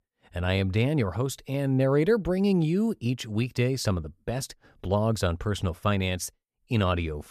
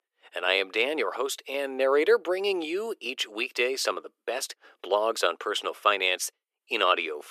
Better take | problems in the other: first | thin; very; fading below 350 Hz

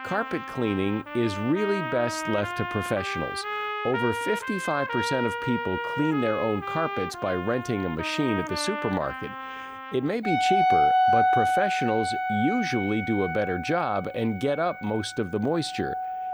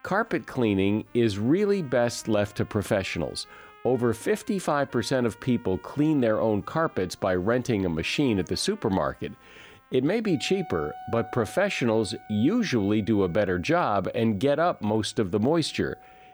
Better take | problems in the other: second | background music; loud; throughout; as loud as the speech; faint in the second

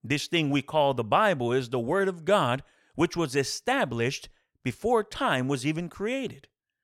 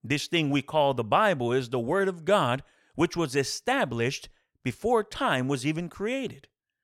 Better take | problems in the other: neither | none

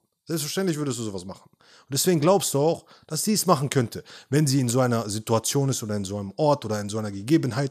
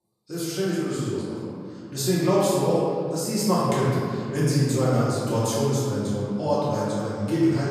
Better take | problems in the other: first | room echo; strong; dies away in 2.4 s // off-mic speech; far

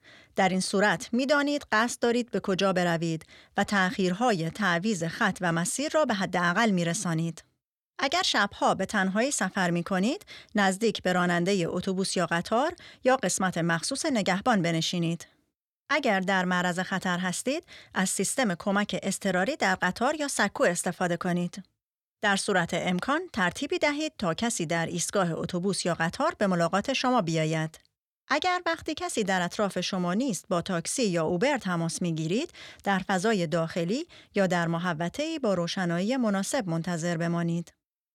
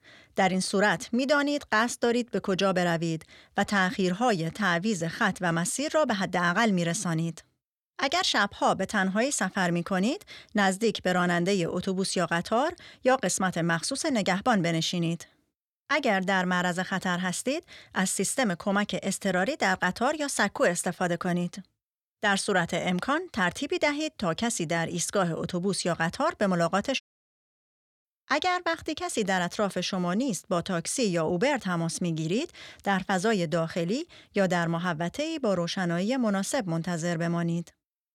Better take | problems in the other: first | audio cutting out; at 27 s for 1 s

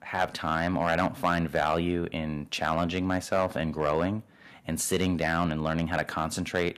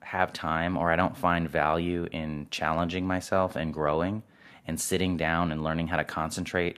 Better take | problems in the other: second | distortion; slight; 1.6% of the sound clipped

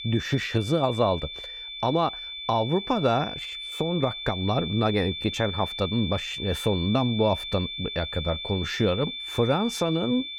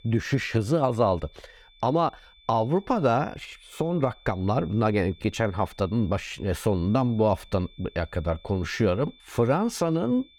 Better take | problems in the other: second | high-pitched whine; loud; throughout; 3.5 kHz, 6 dB below the speech; faint in the second

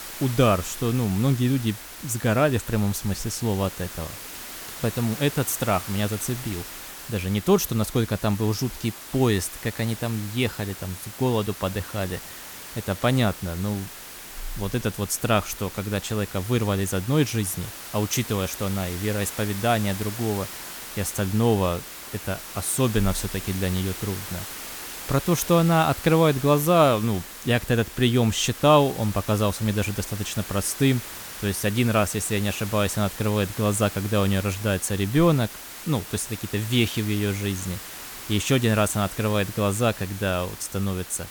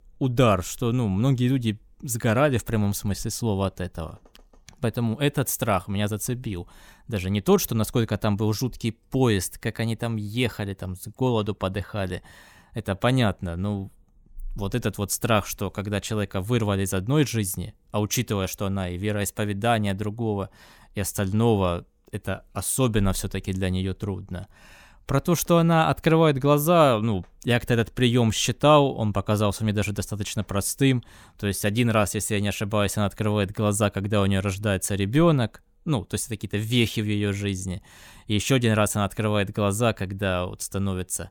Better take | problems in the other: second | hiss; noticeable; throughout; 10 dB below the speech

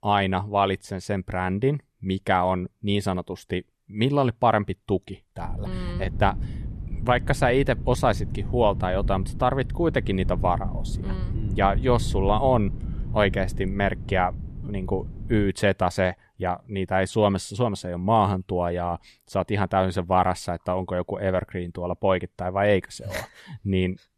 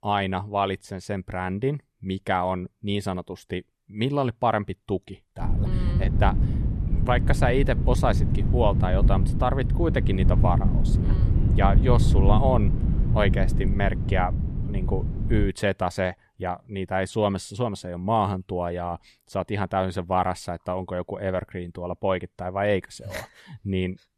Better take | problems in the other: first | wind noise on the microphone; heavy; from 5.5 to 15 s; 9 dB below the speech; occasional gusts in the first

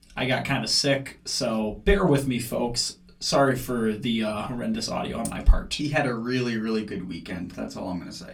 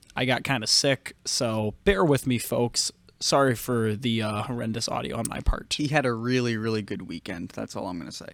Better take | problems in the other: second | off-mic speech; somewhat distant // room echo; very slight; dies away in 0.2 s

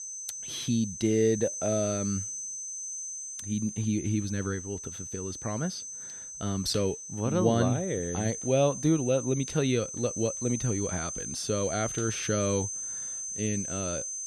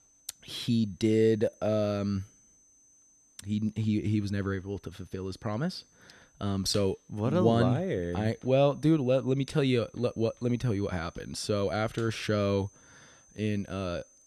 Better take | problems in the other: second | high-pitched whine; loud; throughout; 6 kHz, 6 dB below the speech; faint in the second

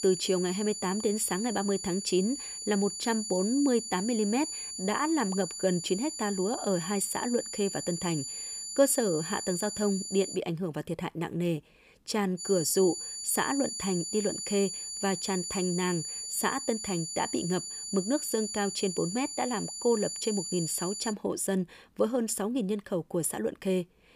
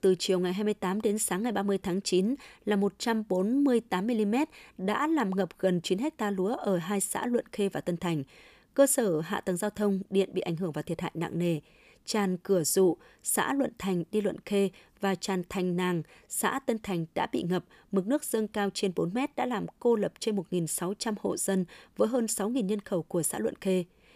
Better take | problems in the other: second | high-pitched whine; loud; until 10 s and from 12 to 21 s; 7 kHz, 5 dB below the speech

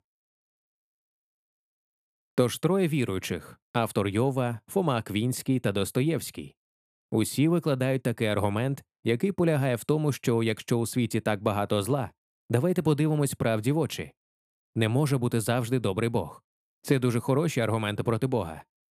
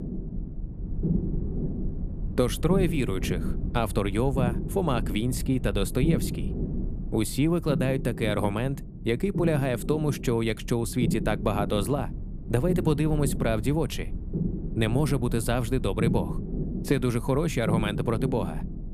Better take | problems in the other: first | low rumble; noticeable; throughout; 10 dB below the speech

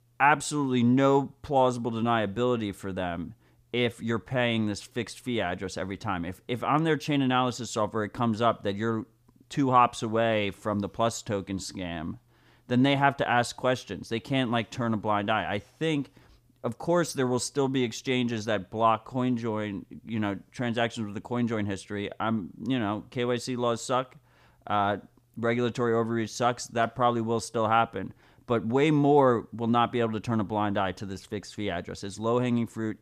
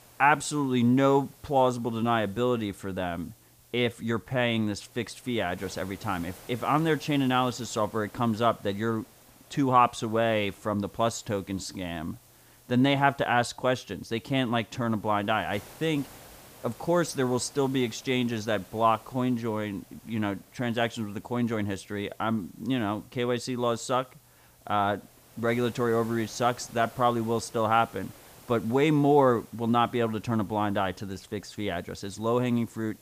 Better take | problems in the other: first | hiss; faint; throughout; 25 dB below the speech

